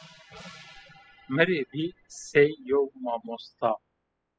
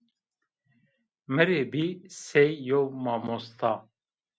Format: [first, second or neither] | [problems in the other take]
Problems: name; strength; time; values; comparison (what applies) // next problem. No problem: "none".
second | noise reduction (classical method spectral subtraction)